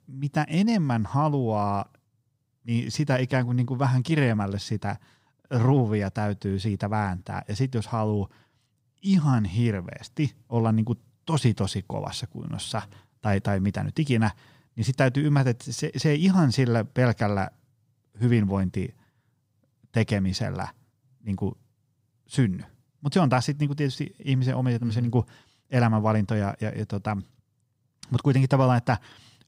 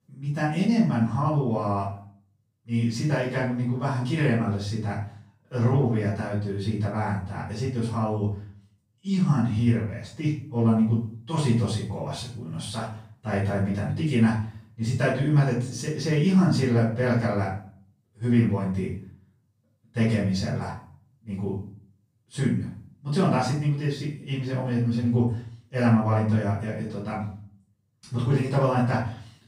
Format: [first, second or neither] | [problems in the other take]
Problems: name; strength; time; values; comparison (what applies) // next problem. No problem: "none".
first | off-mic speech; far // room echo; noticeable; dies away in 0.4 s